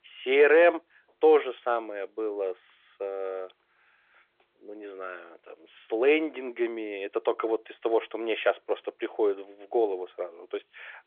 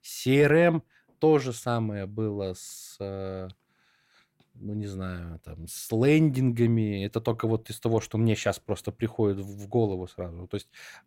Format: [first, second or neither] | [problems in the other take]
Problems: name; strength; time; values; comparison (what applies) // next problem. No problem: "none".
second | phone-call audio; nothing above 3.5 kHz